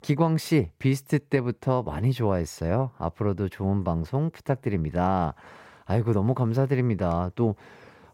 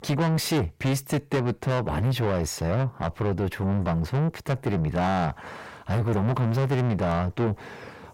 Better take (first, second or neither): first